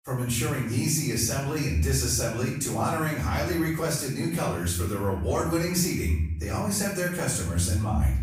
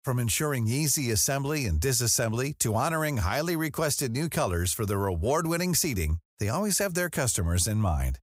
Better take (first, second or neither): second